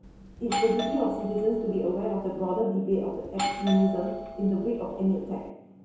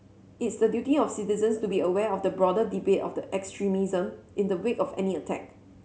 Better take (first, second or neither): second